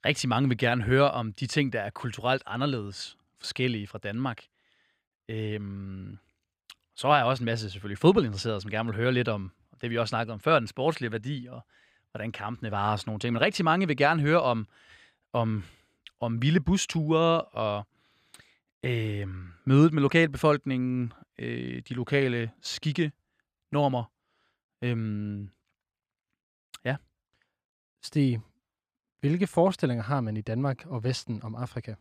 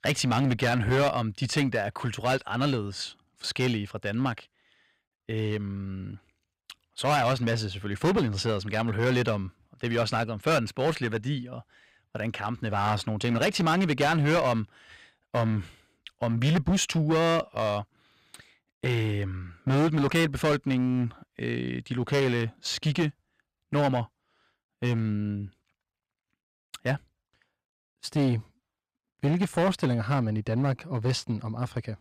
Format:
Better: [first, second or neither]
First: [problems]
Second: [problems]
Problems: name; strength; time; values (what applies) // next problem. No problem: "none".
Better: first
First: none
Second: distortion; heavy; 8% of the sound clipped